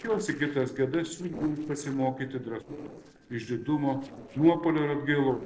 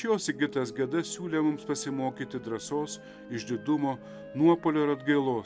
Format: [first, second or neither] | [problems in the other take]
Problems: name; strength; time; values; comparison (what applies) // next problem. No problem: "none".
second | noise reduction (neural separator model SepFormer DNS4)